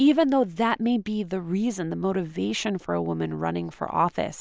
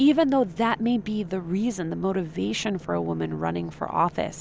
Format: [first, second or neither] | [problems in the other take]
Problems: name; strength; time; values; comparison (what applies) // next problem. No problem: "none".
first | background sound (Engine / Boat, Water vehicle); 20 dB below the speech